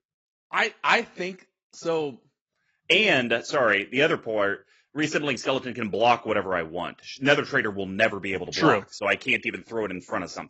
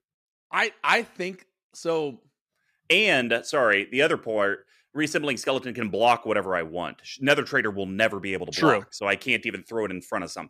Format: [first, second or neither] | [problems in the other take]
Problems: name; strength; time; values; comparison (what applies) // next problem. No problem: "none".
second | garbled, watery; badly; nothing above 7.5 kHz